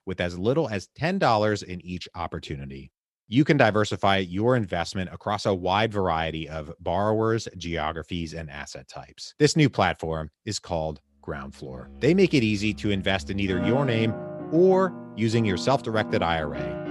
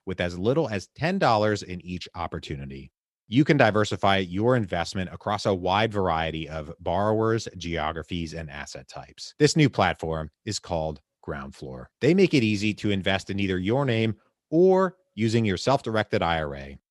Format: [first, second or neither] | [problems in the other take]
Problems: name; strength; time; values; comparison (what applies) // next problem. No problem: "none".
second | background music; noticeable; from 12 s on; 10 dB below the speech